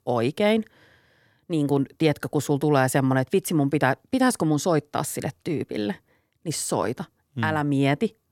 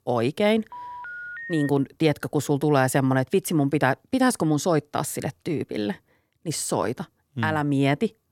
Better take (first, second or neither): first